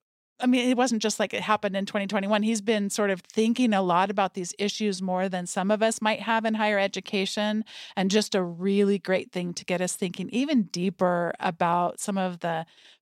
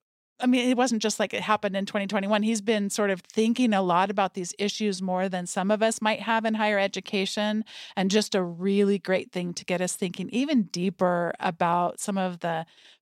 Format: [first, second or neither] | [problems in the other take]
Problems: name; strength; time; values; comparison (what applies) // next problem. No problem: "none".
neither | none